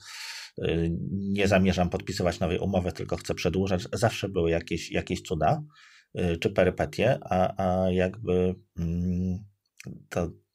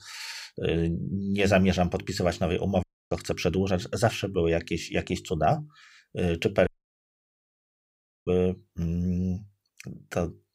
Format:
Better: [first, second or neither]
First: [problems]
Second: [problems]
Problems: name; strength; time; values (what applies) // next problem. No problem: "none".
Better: first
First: none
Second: audio cutting out; at 3 s and at 6.5 s for 1.5 s